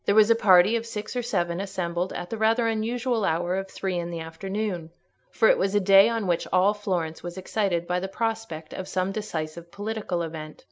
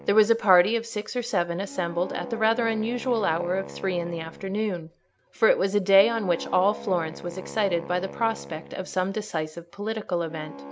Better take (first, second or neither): first